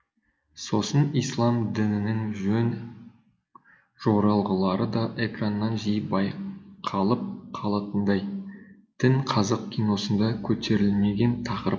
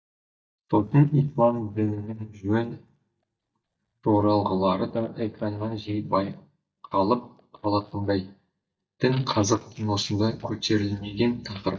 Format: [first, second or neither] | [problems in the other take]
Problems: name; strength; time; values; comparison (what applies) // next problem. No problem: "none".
first | noise reduction (neural mask model DeepFilterNet 3)